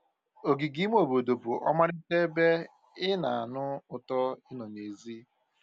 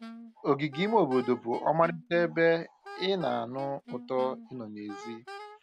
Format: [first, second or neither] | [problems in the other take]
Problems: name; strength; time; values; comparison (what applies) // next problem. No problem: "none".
first | background sound (Wind instrument, woodwind instrument); 16 dB below the speech